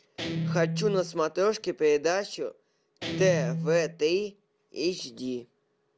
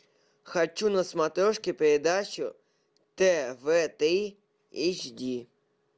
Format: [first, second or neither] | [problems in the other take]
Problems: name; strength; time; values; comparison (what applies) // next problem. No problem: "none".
second | background sound (Guitar); 7 dB below the speech